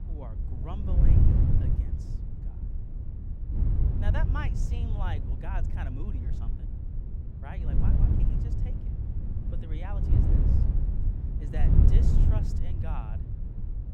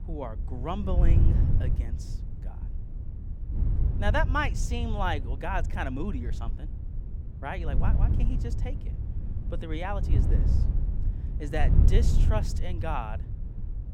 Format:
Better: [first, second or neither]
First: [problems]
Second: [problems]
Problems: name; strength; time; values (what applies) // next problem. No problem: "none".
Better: second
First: wind noise on the microphone; heavy; as loud as the speech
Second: wind noise on the microphone; occasional gusts; 10 dB below the speech